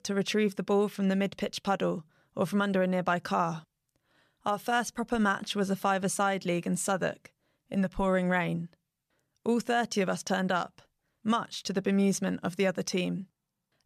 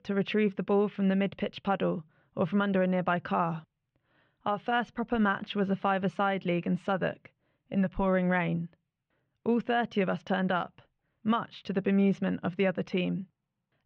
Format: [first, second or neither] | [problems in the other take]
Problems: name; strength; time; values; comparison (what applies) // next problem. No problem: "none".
first | muffled; very; fading above 3 kHz